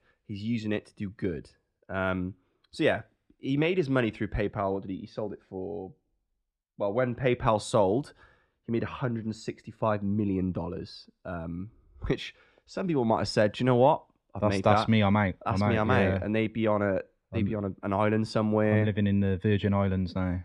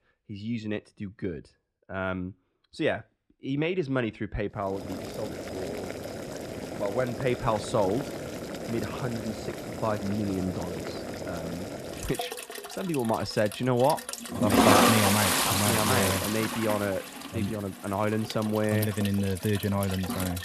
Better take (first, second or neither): first